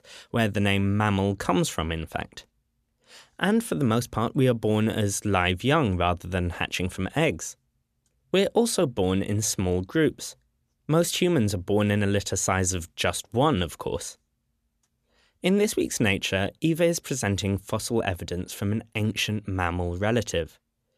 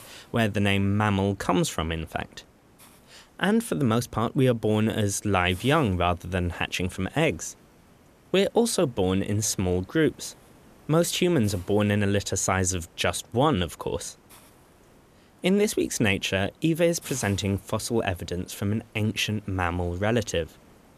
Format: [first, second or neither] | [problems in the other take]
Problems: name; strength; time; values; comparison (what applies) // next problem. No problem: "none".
first | hiss; faint; throughout; 25 dB below the speech